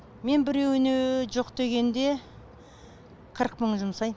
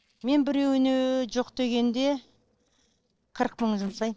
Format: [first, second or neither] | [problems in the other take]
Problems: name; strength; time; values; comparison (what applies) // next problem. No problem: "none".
first | noise reduction (neural separator model SepFormer DNS4)